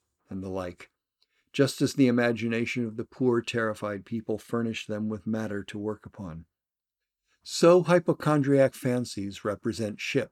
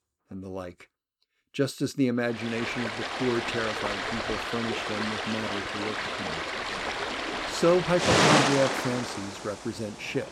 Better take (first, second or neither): first